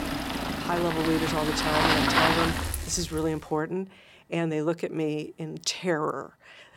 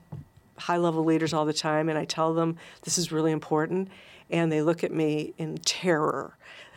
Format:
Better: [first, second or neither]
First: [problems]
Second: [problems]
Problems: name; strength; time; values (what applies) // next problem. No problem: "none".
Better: second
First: traffic noise; very loud; until 3 s; 3 dB above the speech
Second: none